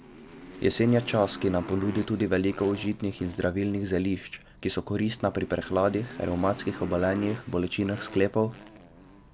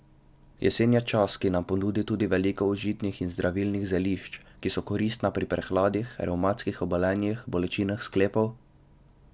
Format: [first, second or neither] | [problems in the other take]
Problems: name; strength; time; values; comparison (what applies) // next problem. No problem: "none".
second | background sound (Motorcycle); 16 dB below the speech